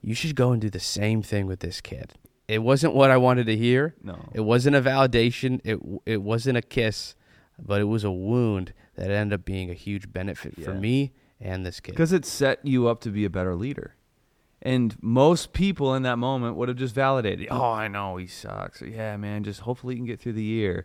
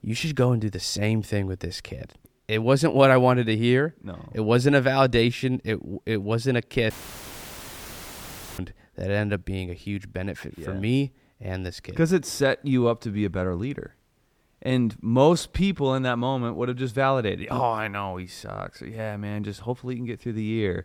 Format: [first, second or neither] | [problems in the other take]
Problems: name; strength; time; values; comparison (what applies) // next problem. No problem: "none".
first | audio cutting out; filled with static; at 7 s for 1.5 s